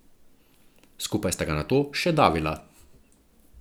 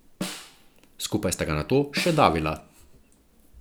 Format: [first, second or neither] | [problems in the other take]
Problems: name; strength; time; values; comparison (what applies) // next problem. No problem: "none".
first | background sound (Snare drum); 13 dB below the speech